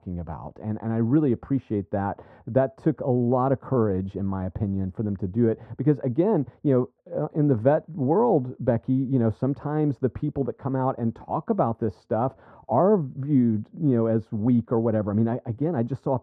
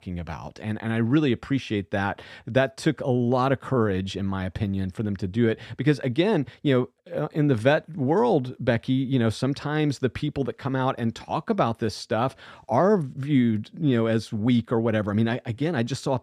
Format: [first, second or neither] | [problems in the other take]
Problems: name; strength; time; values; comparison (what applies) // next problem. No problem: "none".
second | muffled; very; fading above 1.5 kHz